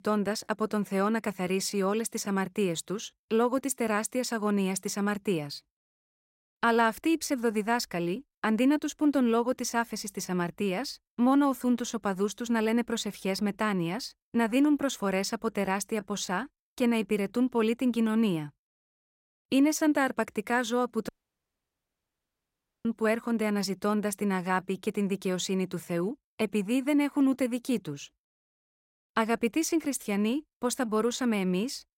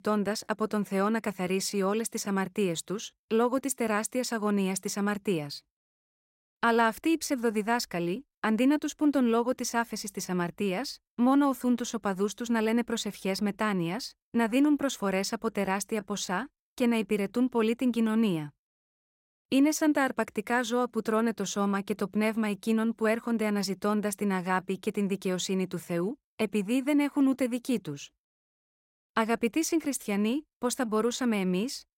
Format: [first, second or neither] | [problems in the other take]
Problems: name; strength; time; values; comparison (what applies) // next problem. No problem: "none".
second | audio cutting out; at 21 s for 2 s